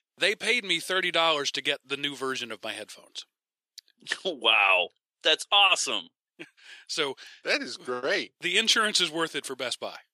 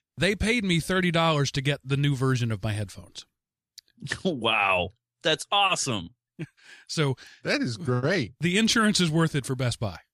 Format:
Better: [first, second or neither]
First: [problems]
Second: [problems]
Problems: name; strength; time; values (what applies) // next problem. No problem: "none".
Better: second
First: thin; very; fading below 350 Hz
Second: none